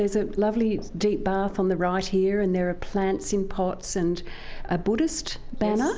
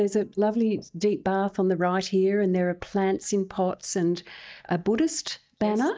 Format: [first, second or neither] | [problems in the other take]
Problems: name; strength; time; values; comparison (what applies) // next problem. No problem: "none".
first | noise reduction (neural mask model DeepFilterNet 3)